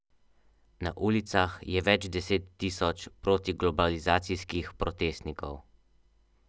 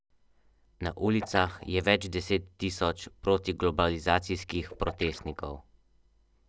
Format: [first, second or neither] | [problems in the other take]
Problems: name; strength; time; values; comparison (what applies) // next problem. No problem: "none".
first | noise reduction (neural separator model SepFormer DNS4)